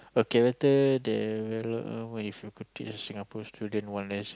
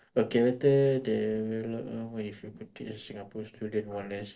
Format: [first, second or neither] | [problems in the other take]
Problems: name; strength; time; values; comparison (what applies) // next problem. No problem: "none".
first | noise reduction (neural separator model SepFormer DNS4)